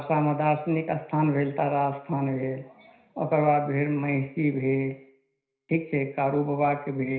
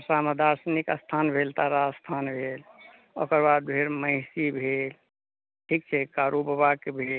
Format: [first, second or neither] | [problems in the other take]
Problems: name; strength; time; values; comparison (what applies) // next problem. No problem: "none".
second | room echo; dies away in 0.5 s